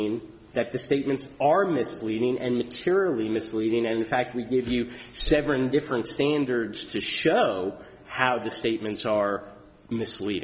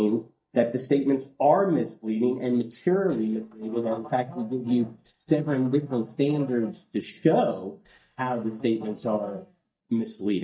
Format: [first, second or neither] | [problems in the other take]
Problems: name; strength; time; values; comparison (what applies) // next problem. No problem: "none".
first | noise reduction (neural mask model DeepFilterNet 3)